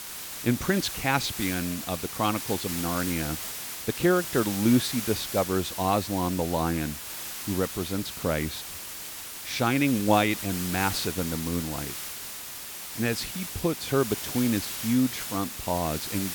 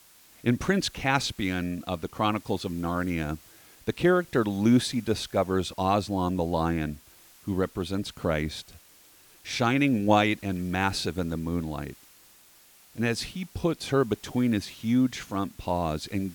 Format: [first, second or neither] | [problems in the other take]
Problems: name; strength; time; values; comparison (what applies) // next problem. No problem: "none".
second | hiss; loud; throughout; 6 dB below the speech; faint in the second